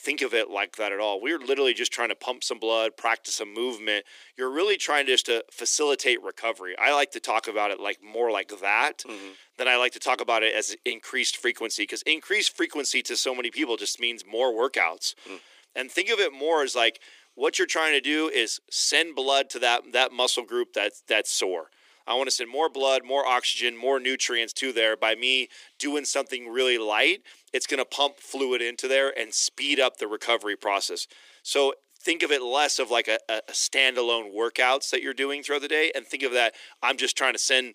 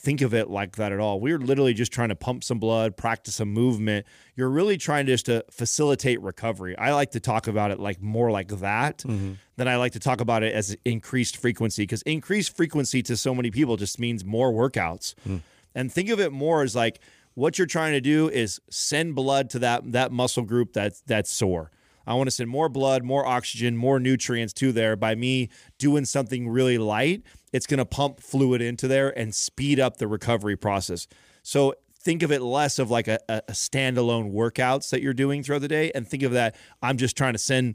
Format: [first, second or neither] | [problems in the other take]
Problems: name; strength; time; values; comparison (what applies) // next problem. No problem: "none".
second | thin; very; fading below 350 Hz